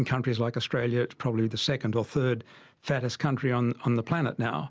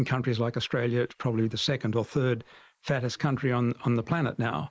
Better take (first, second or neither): first